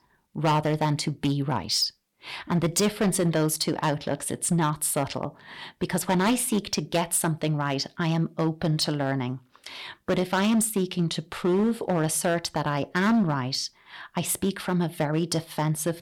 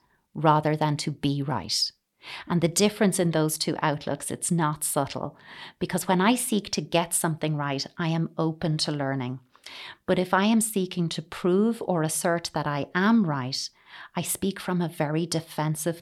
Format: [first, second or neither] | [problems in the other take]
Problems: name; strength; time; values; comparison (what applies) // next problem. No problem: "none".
second | distortion; slight; 6% of the sound clipped